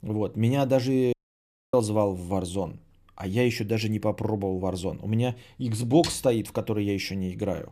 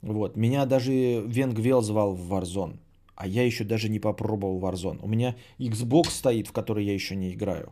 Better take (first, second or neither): second